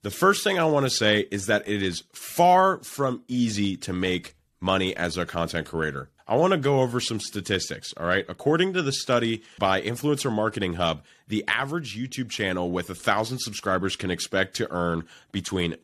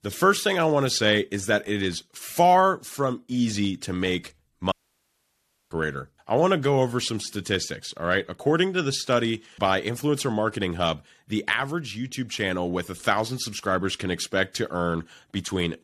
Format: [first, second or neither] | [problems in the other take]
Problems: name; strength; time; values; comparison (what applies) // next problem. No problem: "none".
first | audio cutting out; at 4.5 s for 1 s